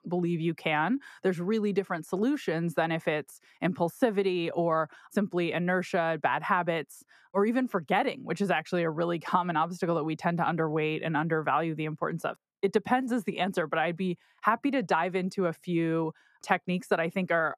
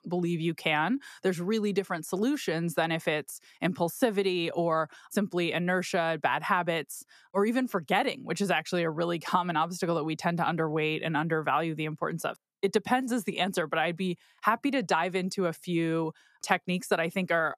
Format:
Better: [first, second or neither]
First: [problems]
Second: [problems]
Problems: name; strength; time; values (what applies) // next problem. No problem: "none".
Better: second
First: muffled; slightly; fading above 3 kHz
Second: none